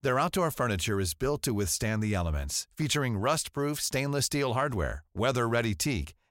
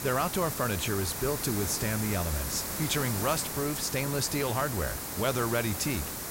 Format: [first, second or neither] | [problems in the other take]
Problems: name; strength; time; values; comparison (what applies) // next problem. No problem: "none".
first | hiss; loud; throughout; 3 dB below the speech